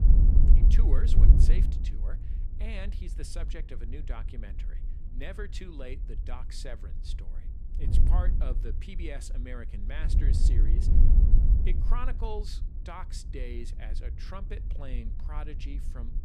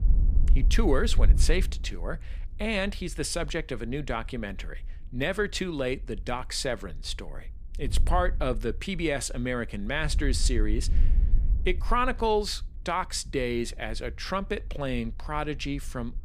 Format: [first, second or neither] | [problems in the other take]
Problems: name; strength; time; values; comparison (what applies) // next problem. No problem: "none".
second | wind noise on the microphone; heavy; 2 dB below the speech; occasional gusts in the second